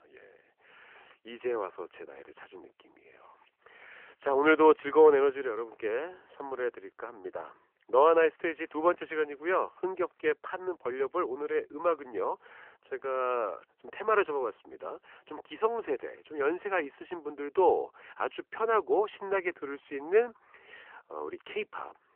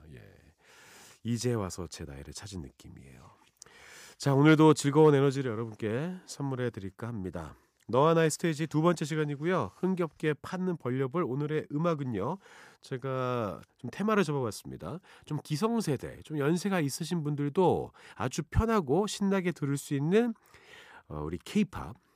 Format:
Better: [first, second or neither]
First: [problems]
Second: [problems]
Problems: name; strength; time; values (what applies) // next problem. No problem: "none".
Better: second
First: phone-call audio; nothing above 3 kHz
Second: none